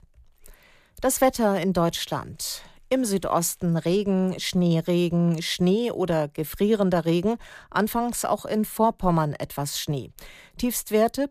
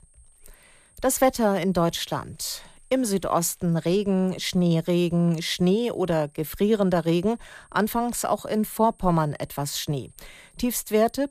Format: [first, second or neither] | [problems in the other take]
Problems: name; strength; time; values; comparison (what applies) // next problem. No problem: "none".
first | high-pitched whine; faint; throughout; 8.5 kHz, 35 dB below the speech